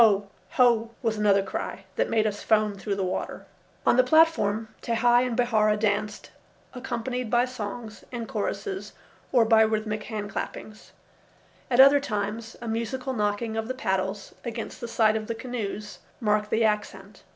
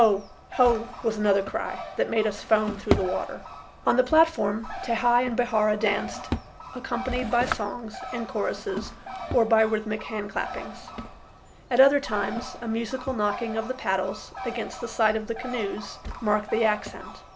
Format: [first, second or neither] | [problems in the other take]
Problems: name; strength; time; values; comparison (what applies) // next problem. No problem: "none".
first | background sound (Bird + Drawer open or close); 10 dB below the speech